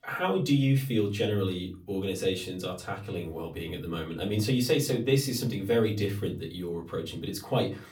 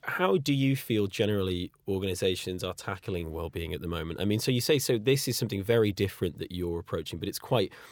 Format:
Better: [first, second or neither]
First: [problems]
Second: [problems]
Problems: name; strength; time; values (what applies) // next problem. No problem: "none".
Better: second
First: off-mic speech; far // room echo; very slight; dies away in 0.3 s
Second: none